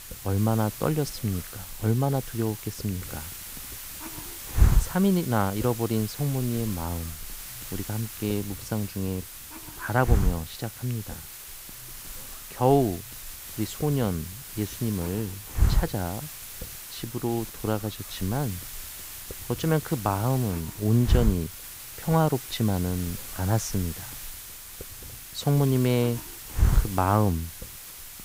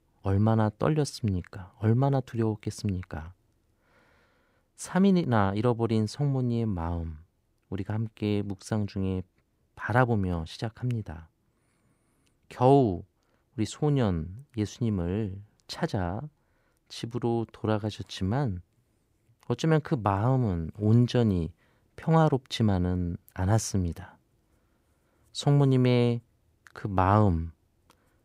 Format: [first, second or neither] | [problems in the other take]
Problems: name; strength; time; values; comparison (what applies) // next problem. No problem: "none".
second | hiss; loud; throughout; 6 dB below the speech